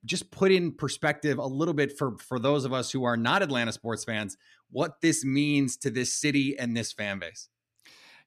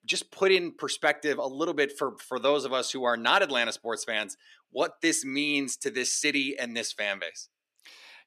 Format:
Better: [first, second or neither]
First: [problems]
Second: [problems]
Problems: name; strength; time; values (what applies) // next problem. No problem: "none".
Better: first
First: none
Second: thin; somewhat; fading below 450 Hz